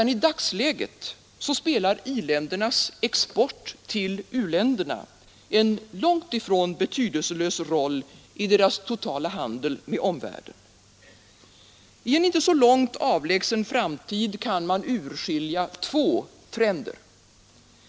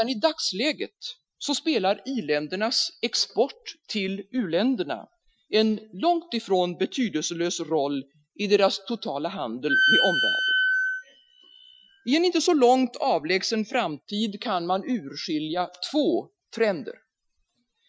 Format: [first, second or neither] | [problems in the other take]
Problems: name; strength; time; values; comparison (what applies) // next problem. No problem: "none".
first | noise reduction (classical method Wiener filter)